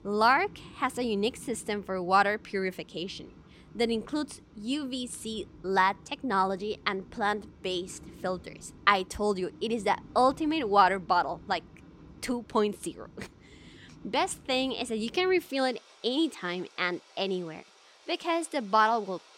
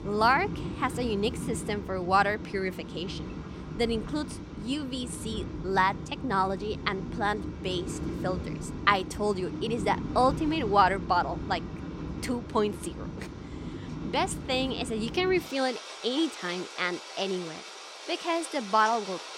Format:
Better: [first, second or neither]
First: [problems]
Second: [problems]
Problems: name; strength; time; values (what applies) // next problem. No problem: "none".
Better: first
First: rain or running water; faint; throughout; 25 dB below the speech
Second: rain or running water; loud; throughout; 9 dB below the speech